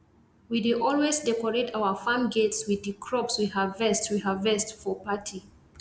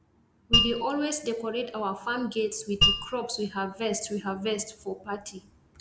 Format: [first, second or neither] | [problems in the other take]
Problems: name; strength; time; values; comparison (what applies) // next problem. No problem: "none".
first | background sound (Mallet percussion); 4 dB above the speech